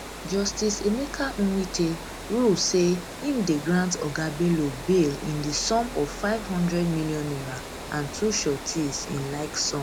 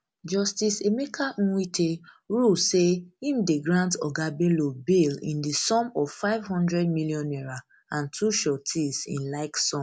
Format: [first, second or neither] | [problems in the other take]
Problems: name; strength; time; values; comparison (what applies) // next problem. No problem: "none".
second | background sound (Water); 11 dB below the speech